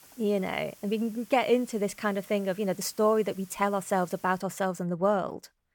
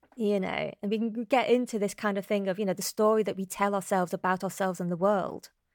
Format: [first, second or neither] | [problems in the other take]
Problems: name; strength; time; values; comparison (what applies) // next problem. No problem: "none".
second | hiss; faint; until 4.5 s; 25 dB below the speech